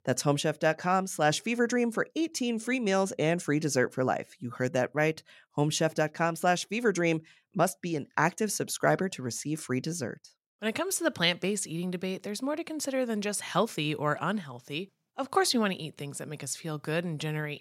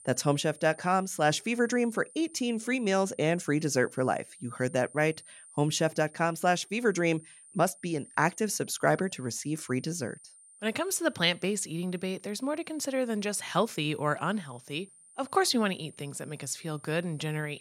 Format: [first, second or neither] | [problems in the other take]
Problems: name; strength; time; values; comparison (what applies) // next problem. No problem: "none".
first | high-pitched whine; faint; throughout; 9 kHz, 20 dB below the speech